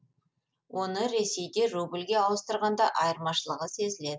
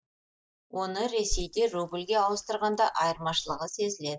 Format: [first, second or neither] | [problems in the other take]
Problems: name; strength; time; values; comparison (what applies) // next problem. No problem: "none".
first | noise reduction (neural mask model DeepFilterNet 3)